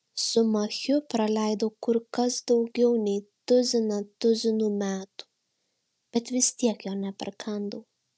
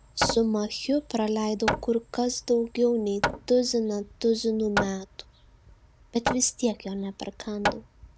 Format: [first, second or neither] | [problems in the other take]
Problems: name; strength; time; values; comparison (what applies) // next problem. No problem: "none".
first | background sound (Hammer); 7 dB below the speech